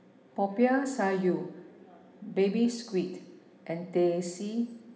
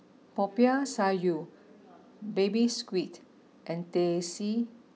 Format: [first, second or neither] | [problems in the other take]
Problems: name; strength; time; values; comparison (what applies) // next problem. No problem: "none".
second | room echo; dies away in 1.1 s